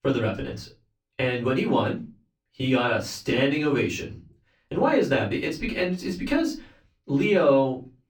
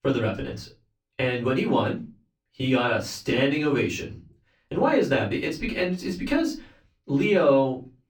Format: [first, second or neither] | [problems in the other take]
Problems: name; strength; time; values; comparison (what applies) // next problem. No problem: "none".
neither | off-mic speech; far; the same in both // room echo; very slight; dies away in 0.3 s; the same in both